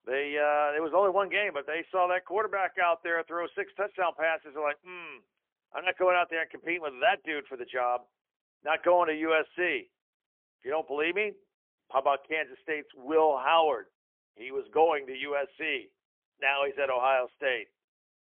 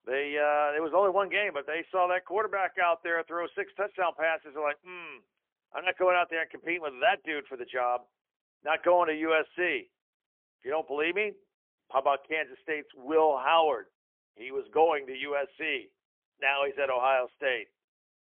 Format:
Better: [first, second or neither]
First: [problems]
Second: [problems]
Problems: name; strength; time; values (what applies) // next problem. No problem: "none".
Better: neither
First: phone-call audio; poor line; nothing above 3 kHz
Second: phone-call audio; poor line; nothing above 3 kHz